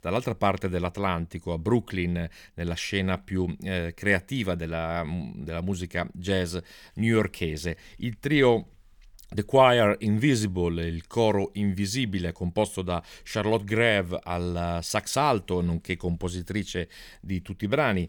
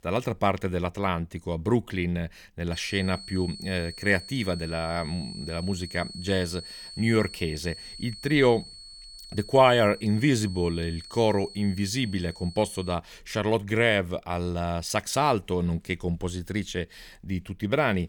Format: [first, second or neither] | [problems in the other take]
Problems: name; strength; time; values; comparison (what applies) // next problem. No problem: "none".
first | high-pitched whine; noticeable; from 2.5 to 13 s; 4.5 kHz, 15 dB below the speech